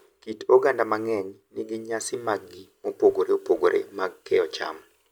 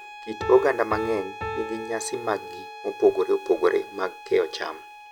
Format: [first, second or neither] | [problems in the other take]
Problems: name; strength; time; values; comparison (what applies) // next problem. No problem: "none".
first | background sound (Bowed string instrument + Piano); 11 dB below the speech